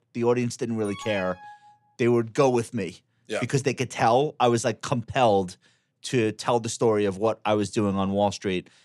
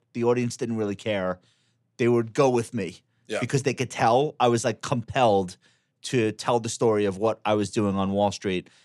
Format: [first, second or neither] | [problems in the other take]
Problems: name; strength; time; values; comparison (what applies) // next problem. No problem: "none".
second | alarm; faint; at 1 s; peak 10 dB below the speech